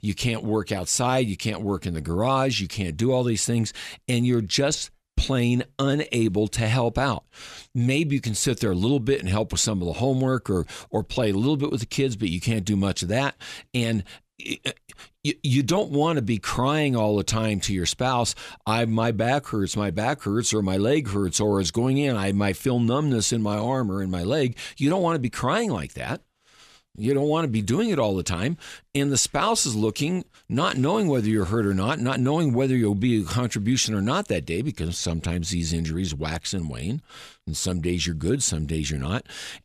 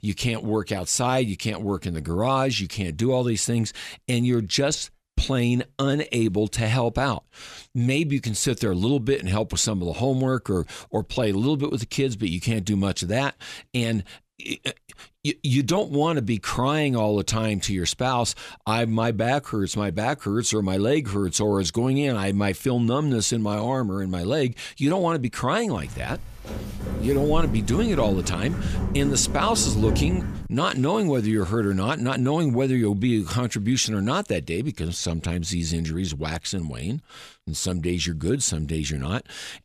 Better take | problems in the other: first | footsteps; noticeable; from 26 to 30 s; peak level with the speech

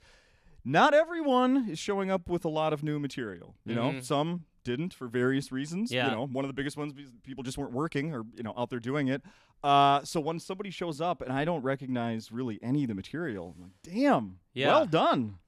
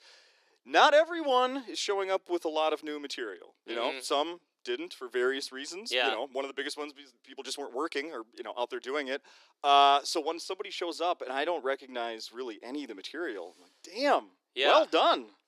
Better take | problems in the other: first | thin; somewhat; fading below 350 Hz

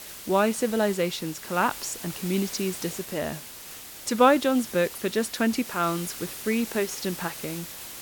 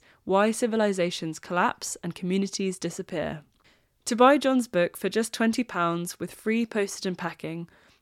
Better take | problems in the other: second | hiss; noticeable; throughout; 10 dB below the speech

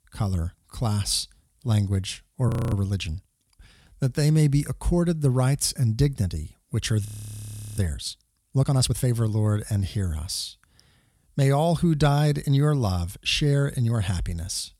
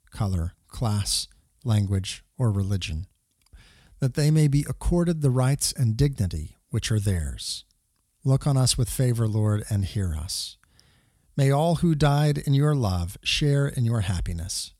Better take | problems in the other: second | audio freezing; at 2.5 s and at 7 s for 0.5 s

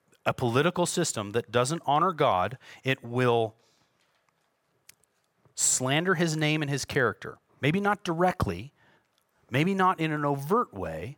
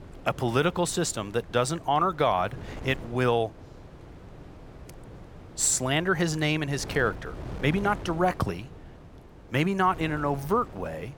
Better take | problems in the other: first | wind noise on the microphone; occasional gusts; 20 dB below the speech

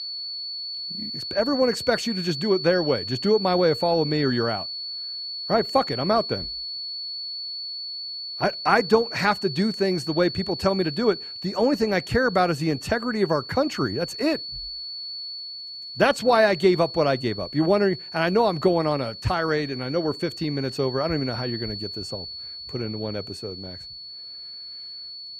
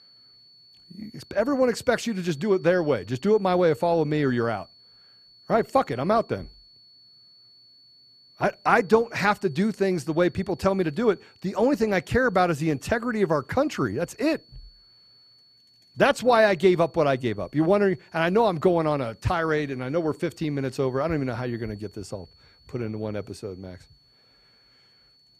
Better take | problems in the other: second | high-pitched whine; loud; throughout; 4.5 kHz, 8 dB below the speech; faint in the second

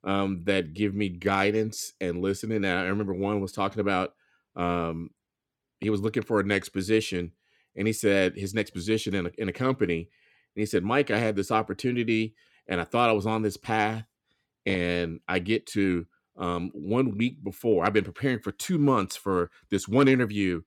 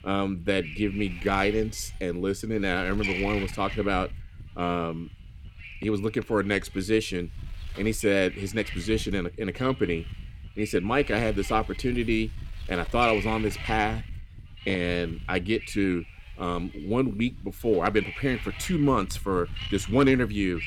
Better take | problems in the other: first | wind noise on the microphone; occasional gusts; 10 dB below the speech

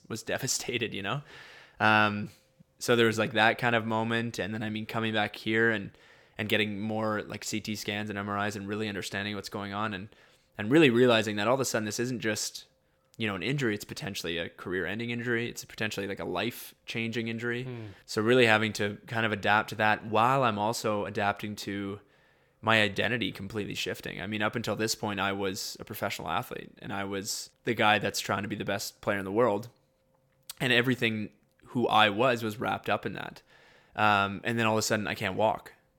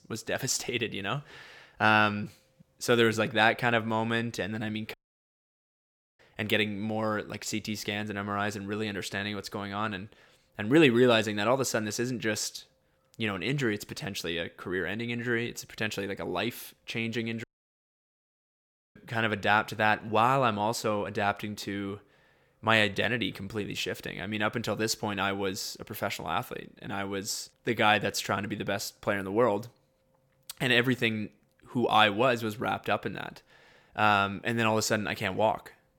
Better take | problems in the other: first | audio cutting out; at 5 s for 1.5 s and at 17 s for 1.5 s

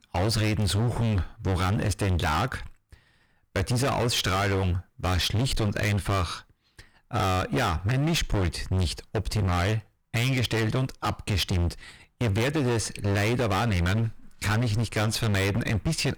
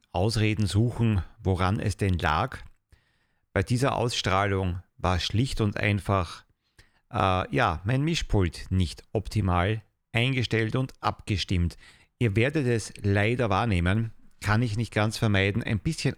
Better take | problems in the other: second | distortion; heavy; 28% of the sound clipped

